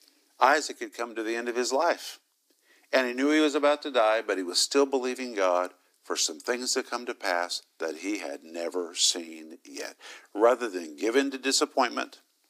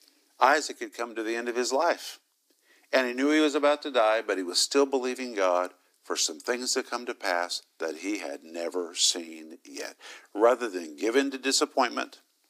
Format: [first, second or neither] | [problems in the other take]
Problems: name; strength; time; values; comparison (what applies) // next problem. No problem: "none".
neither | thin; somewhat; fading below 250 Hz; the same in both